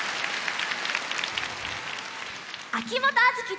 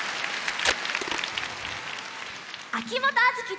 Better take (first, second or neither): first